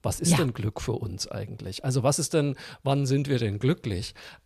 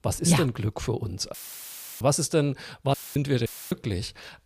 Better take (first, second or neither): first